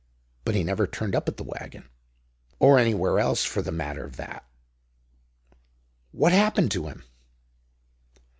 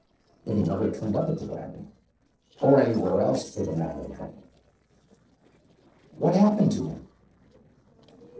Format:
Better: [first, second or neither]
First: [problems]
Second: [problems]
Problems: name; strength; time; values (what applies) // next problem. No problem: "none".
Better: first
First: none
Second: noise reduction (neural separator model SepFormer DNS4)